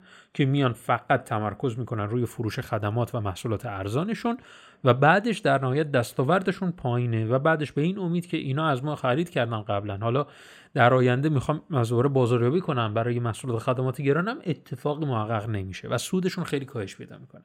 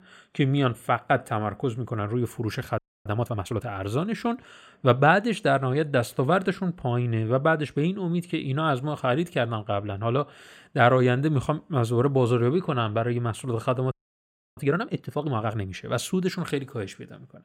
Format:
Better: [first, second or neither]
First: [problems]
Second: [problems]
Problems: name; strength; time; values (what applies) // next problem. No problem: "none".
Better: first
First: none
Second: audio freezing; at 3 s and at 14 s for 0.5 s